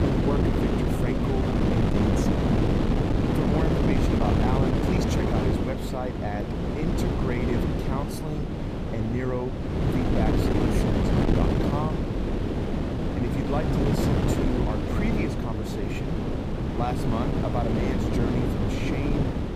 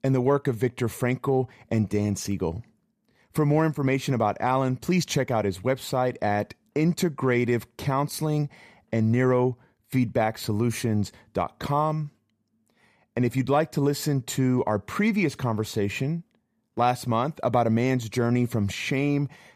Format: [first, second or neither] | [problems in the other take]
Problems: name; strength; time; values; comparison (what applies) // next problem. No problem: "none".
second | wind noise on the microphone; heavy; 4 dB above the speech